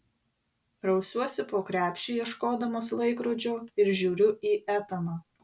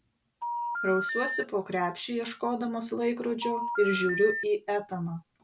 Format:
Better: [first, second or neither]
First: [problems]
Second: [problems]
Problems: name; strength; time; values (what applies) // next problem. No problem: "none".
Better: first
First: none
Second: background sound (Telephone); 3 dB below the speech